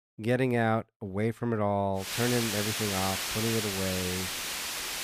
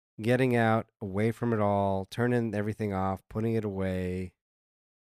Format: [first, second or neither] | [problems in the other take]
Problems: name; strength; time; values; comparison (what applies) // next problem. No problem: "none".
second | hiss; loud; from 2 s on; 1 dB below the speech